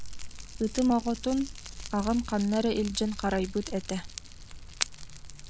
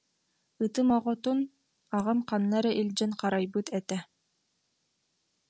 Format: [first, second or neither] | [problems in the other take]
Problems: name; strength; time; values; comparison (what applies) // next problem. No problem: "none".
second | background sound (Fire); 8 dB below the speech